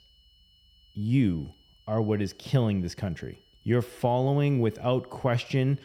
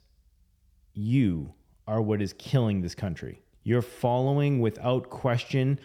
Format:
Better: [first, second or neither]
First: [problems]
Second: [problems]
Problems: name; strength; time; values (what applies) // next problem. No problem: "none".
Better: second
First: high-pitched whine; faint; throughout; 3 kHz, 35 dB below the speech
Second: none